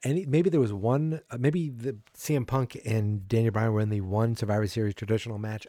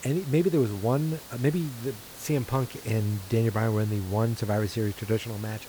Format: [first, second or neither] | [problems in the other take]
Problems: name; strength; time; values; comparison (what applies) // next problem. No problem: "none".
first | hiss; noticeable; throughout; 15 dB below the speech